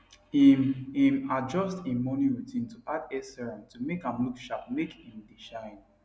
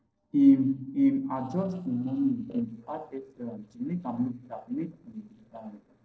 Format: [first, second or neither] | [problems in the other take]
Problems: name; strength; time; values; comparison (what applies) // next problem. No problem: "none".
first | noise reduction (neural separator model SepFormer DNS4)